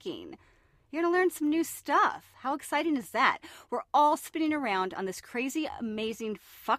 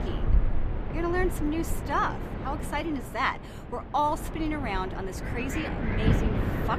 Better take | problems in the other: first | wind in the background; loud; throughout; 1 dB below the speech

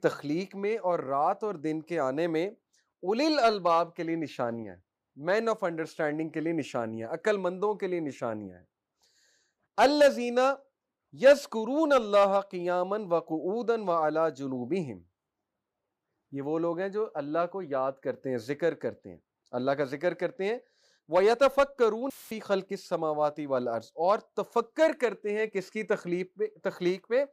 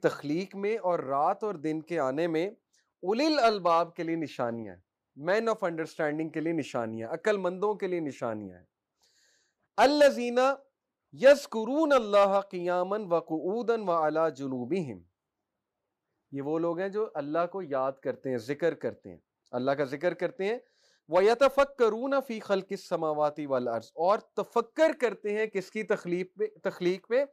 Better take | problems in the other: second | audio cutting out; filled with static; at 22 s

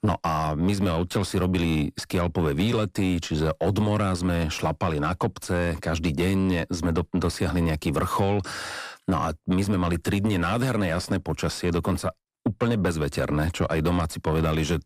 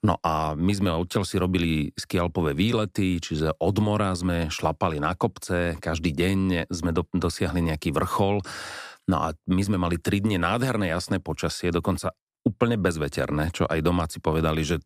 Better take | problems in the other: second | distortion; slight; 10 dB below the speech

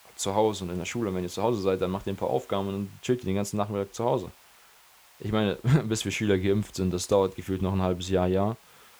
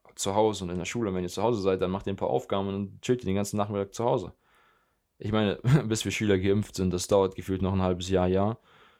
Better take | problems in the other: second | hiss; faint; throughout; 25 dB below the speech

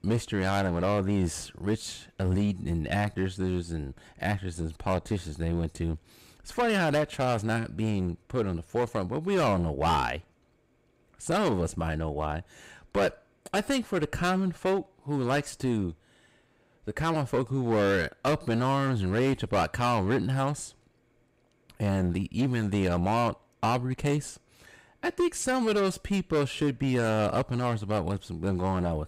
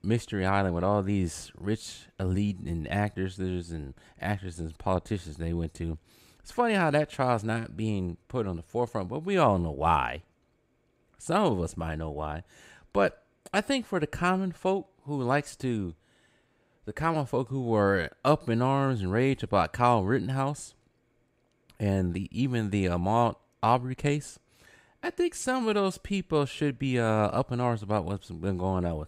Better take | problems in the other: second | distortion; heavy; 8% of the sound clipped

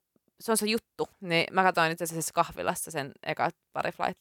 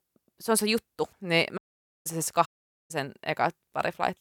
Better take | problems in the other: first | audio cutting out; at 1.5 s and at 2.5 s

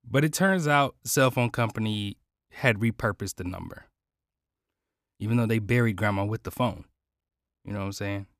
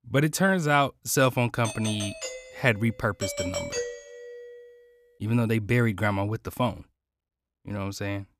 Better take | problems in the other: first | doorbell; noticeable; from 1.5 to 4.5 s; peak 4 dB below the speech

